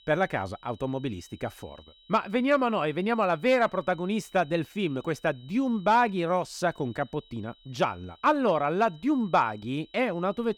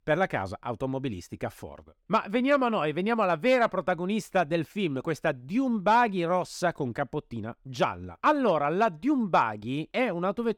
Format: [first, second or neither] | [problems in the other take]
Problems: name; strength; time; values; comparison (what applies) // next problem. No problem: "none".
second | high-pitched whine; faint; throughout; 4 kHz, 30 dB below the speech